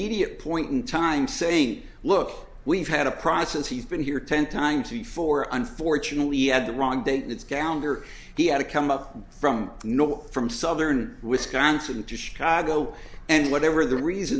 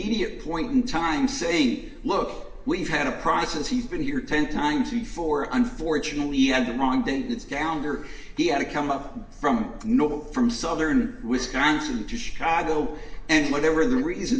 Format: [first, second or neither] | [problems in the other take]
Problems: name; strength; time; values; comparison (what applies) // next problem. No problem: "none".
first | room echo; dies away in 0.9 s